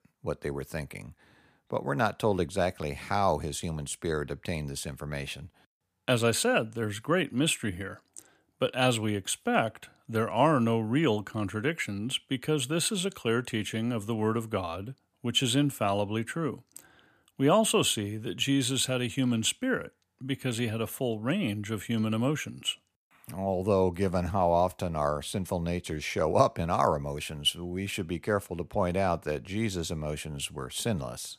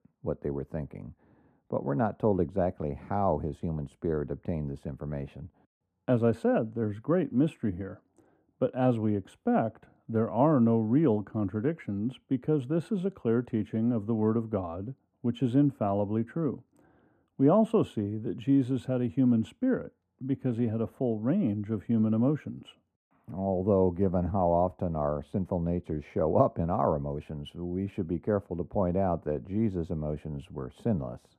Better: first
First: none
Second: muffled; very; fading above 2 kHz

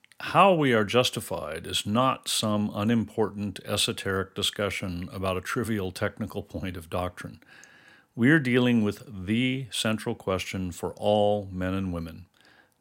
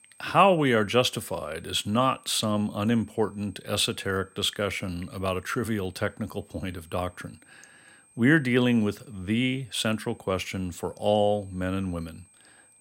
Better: first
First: none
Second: high-pitched whine; faint; throughout; 8.5 kHz, 30 dB below the speech

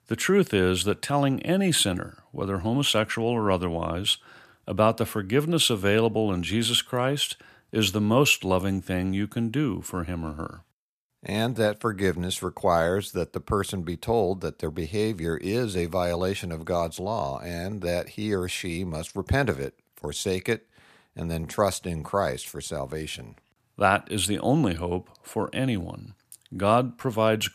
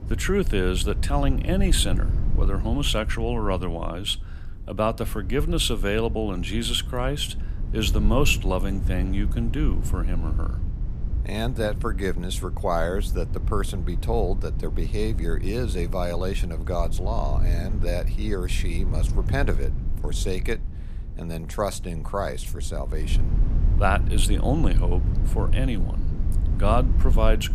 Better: first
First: none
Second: low rumble; noticeable; throughout; 15 dB below the speech

